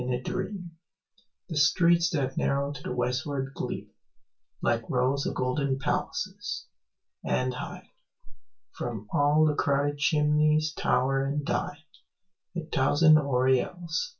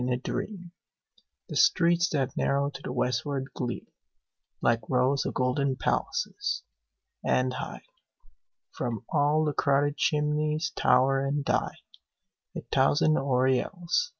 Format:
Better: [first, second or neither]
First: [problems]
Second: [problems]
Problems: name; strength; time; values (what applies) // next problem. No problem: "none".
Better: second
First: room echo; dies away in 0.2 s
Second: none